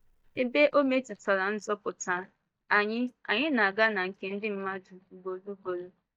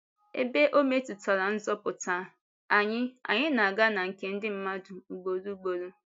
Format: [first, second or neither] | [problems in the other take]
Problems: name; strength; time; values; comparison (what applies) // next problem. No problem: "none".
second | noise reduction (neural mask model DeepFilterNet 3)